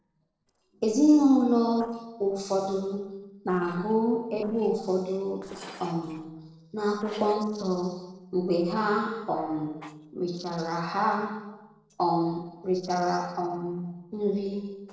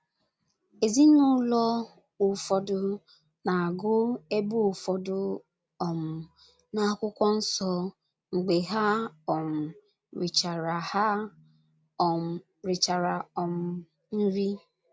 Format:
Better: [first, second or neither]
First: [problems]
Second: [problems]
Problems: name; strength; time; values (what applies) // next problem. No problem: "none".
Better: second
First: noise reduction (neural separator model SepFormer DNS4)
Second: none